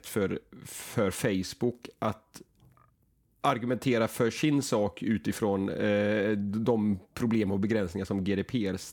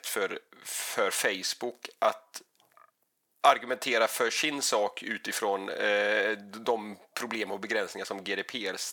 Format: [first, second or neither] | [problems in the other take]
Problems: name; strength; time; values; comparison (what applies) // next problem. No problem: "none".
first | thin; very; fading below 700 Hz